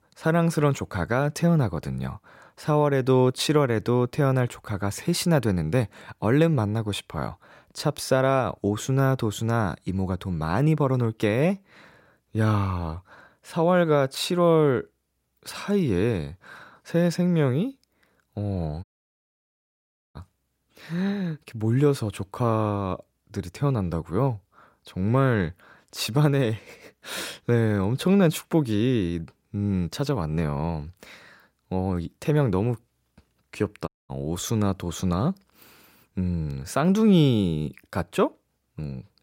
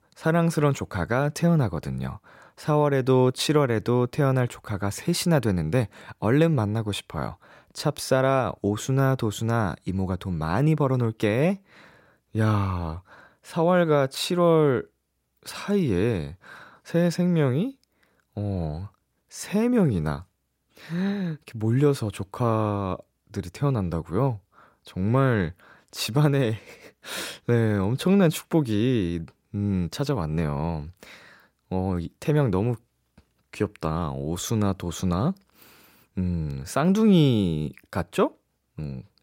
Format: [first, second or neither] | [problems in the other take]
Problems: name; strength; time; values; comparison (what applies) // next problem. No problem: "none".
second | audio cutting out; at 19 s for 1.5 s and at 34 s